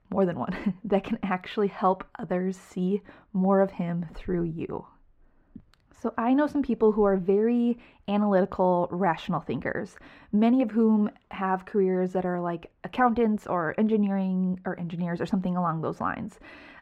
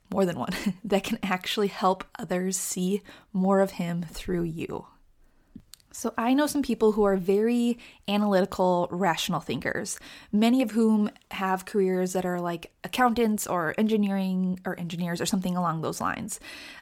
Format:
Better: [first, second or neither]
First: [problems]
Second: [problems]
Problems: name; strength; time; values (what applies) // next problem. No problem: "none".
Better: second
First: muffled; very; fading above 3.5 kHz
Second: none